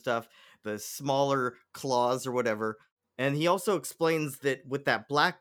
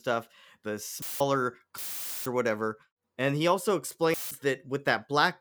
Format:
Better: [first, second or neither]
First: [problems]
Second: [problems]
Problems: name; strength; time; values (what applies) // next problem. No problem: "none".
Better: first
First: none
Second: audio cutting out; filled with static; at 1 s, at 2 s and at 4 s